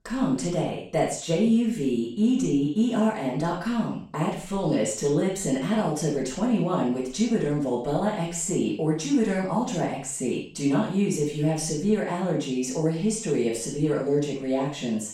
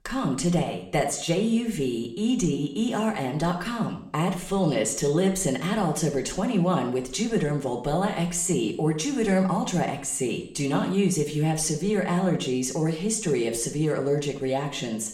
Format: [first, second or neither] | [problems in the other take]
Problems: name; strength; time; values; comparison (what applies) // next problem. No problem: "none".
second | room echo; strong; dies away in 0.4 s; slight in the second // off-mic speech; far; somewhat distant in the second